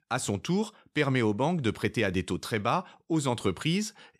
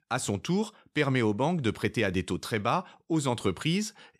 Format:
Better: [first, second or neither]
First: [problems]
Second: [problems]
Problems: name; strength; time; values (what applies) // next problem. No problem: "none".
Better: neither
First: none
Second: none